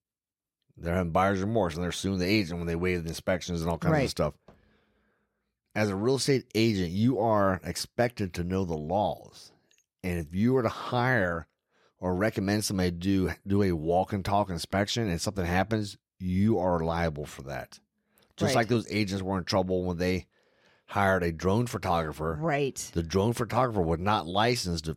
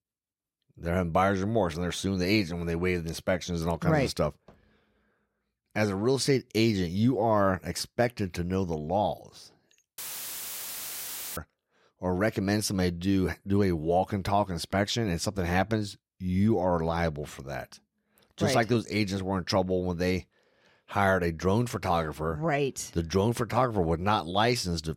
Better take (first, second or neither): first